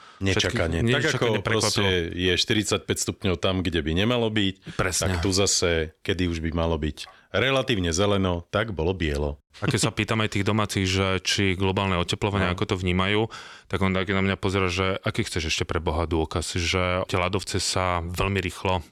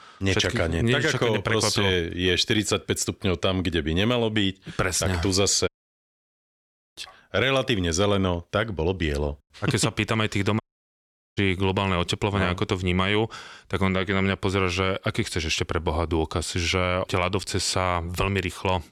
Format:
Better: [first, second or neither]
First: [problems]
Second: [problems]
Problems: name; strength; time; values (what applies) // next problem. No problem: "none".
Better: first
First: none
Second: audio cutting out; at 5.5 s for 1.5 s and at 11 s for 1 s